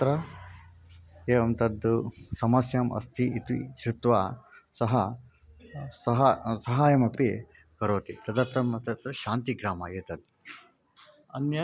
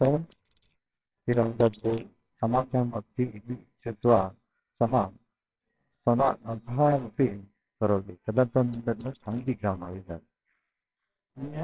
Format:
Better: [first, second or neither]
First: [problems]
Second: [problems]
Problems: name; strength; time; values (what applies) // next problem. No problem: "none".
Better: first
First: none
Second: noise reduction (neural separator model SepFormer WHAMR!)